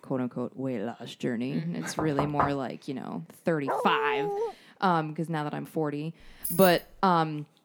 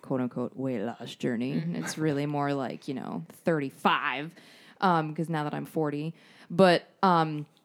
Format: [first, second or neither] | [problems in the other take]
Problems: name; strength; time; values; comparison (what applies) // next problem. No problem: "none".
second | door banging; loud; at 2 s; peak level with the speech // dog barking; noticeable; at 3.5 s; peak 1 dB below the speech // jangling keys; noticeable; at 6.5 s; peak 1 dB below the speech